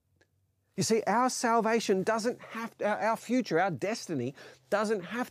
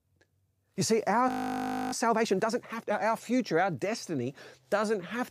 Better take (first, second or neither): first